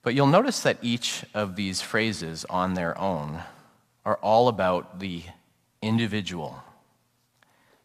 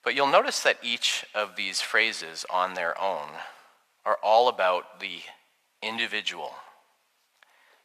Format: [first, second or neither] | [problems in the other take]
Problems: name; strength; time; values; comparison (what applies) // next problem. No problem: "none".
first | thin; very; fading below 600 Hz